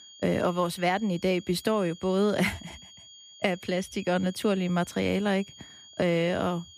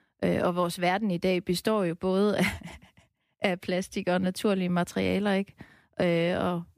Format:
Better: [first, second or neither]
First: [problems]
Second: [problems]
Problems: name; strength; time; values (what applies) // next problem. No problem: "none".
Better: second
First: high-pitched whine; noticeable; throughout; 3.5 kHz, 20 dB below the speech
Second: none